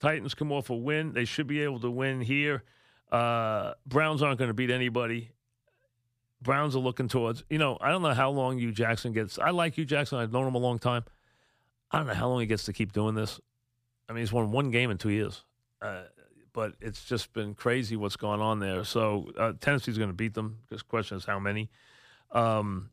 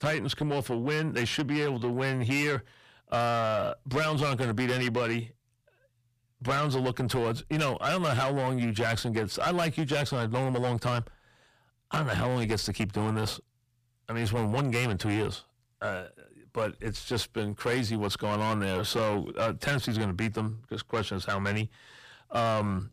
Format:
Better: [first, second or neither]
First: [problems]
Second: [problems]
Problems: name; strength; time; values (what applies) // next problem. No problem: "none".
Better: first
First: none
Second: distortion; heavy; 7 dB below the speech